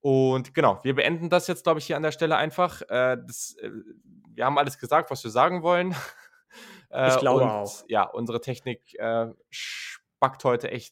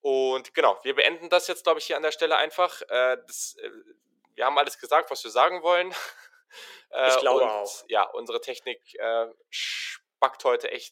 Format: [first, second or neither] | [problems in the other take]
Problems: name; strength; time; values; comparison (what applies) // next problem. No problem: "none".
first | thin; very; fading below 450 Hz